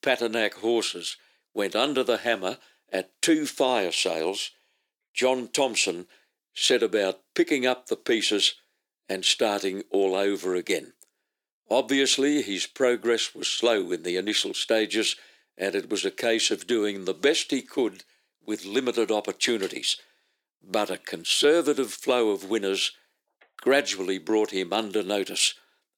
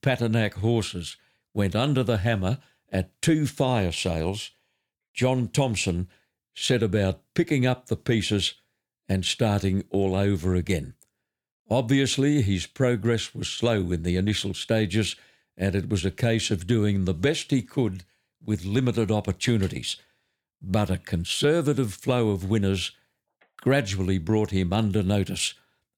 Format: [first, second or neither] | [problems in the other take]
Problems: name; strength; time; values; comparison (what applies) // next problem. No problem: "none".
second | thin; somewhat; fading below 350 Hz